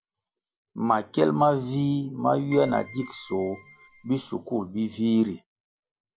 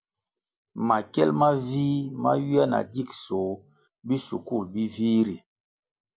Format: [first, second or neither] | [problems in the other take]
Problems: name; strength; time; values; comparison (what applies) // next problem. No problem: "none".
second | background sound (Keyboard (musical)); 20 dB below the speech